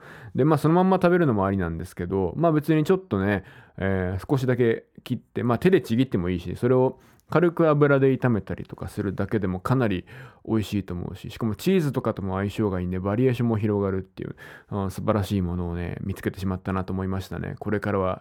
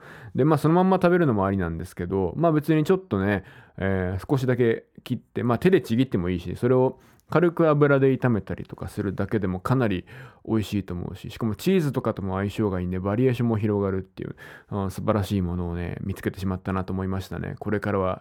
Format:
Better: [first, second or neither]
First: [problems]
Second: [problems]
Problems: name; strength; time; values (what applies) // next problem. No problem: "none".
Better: neither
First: muffled; slightly; fading above 2.5 kHz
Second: muffled; slightly; fading above 2.5 kHz